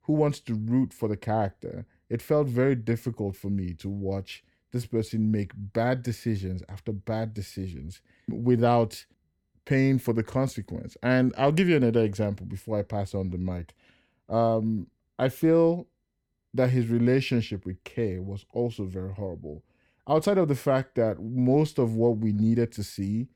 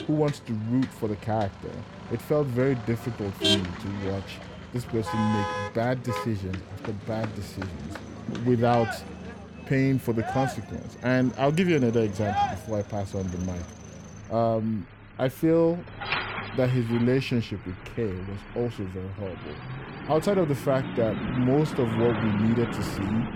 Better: first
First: none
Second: traffic noise; loud; throughout; 7 dB below the speech

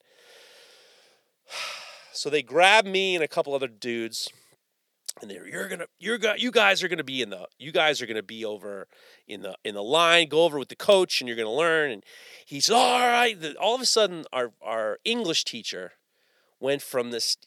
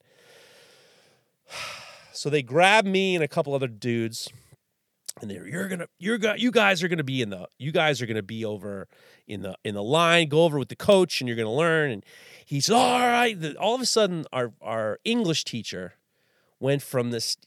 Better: second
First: thin; somewhat; fading below 350 Hz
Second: none

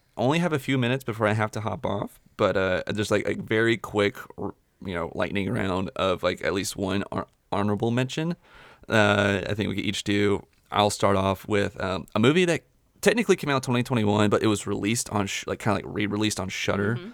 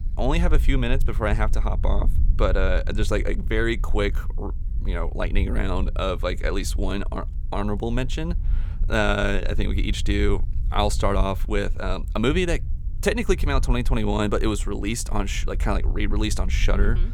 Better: first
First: none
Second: low rumble; faint; throughout; 20 dB below the speech

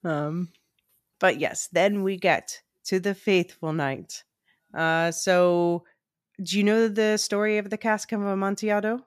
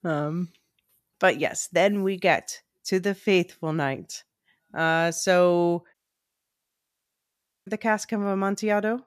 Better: first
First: none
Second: audio cutting out; at 6 s for 1.5 s

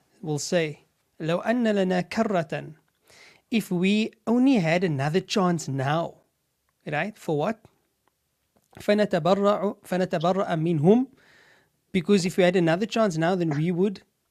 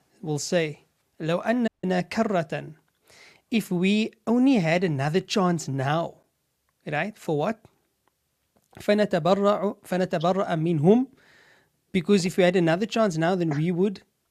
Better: first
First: none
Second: audio cutting out; at 1.5 s

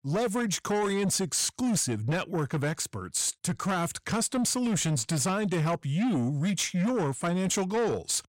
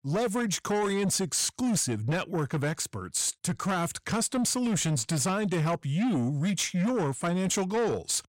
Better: neither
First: distortion; slight; 10 dB below the speech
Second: distortion; slight; 10 dB below the speech

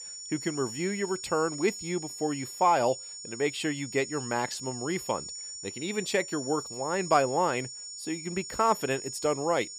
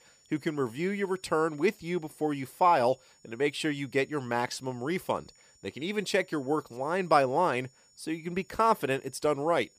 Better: second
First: high-pitched whine; loud; throughout; 7 kHz, 8 dB below the speech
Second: high-pitched whine; faint; throughout; 7 kHz, 30 dB below the speech

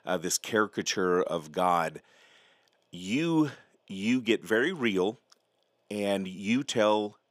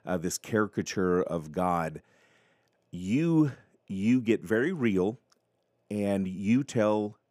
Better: second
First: thin; very slightly; fading below 450 Hz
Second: none

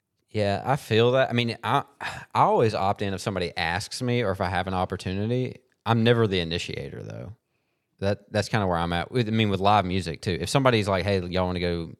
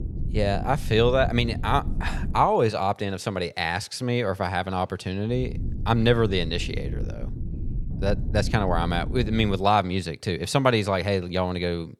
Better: first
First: none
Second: low rumble; noticeable; until 2.5 s and from 5.5 to 9.5 s; 20 dB below the speech

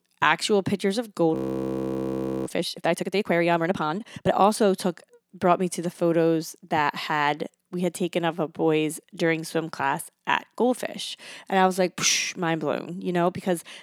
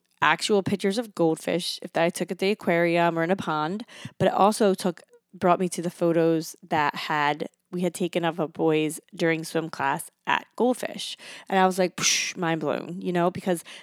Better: second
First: audio freezing; at 1.5 s for 1 s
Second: none

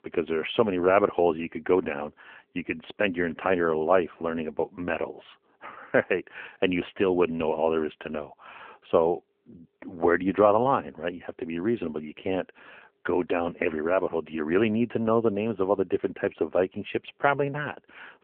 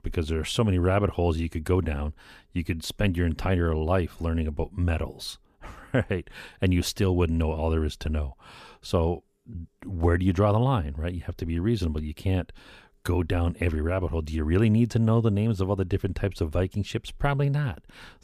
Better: second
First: phone-call audio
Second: none

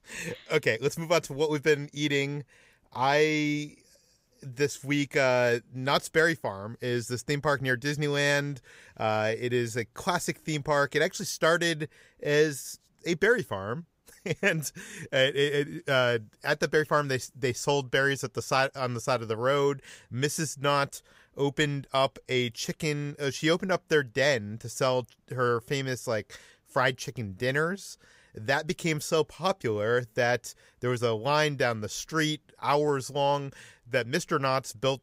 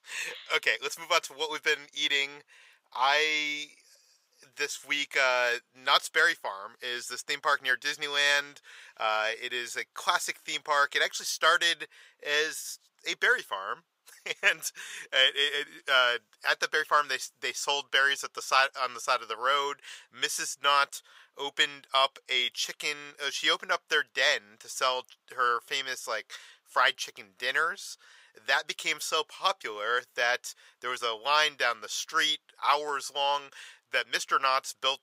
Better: first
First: none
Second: thin; very; fading below 800 Hz

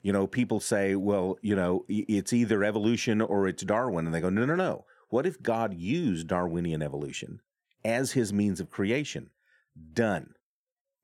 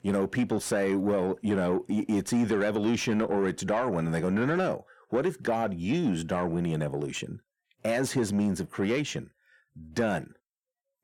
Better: first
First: none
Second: distortion; slight; 10 dB below the speech

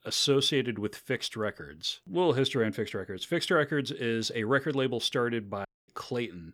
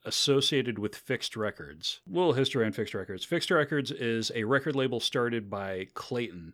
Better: second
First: audio cutting out; at 5.5 s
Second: none

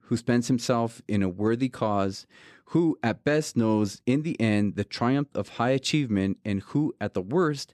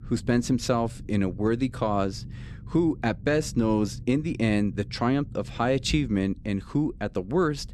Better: first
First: none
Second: low rumble; faint; throughout; 25 dB below the speech

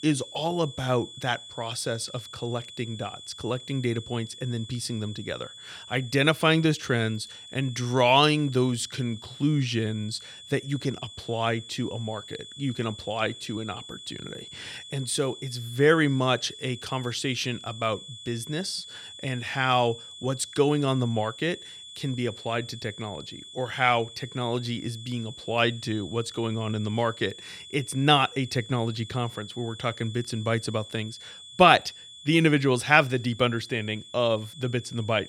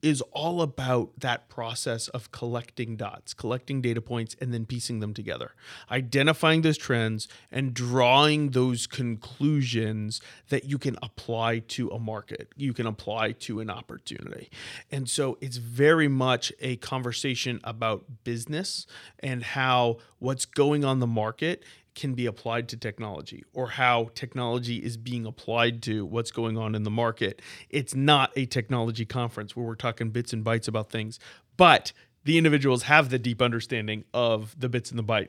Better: second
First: high-pitched whine; noticeable; throughout; 3.5 kHz, 15 dB below the speech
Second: none

